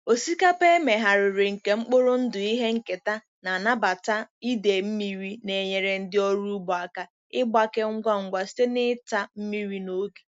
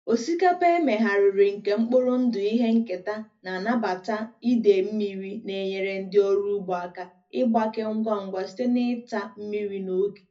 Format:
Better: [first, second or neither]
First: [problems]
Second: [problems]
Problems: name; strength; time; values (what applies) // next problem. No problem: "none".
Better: first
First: none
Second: room echo; dies away in 0.4 s